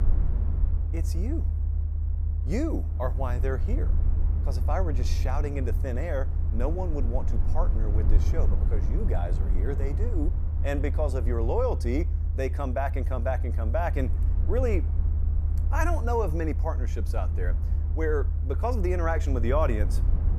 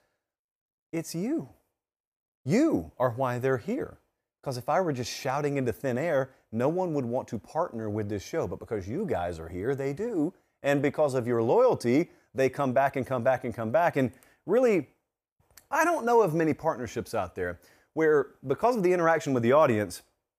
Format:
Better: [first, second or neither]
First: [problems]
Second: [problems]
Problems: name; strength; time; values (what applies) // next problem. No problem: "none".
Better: second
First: low rumble; noticeable; throughout; 10 dB below the speech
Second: none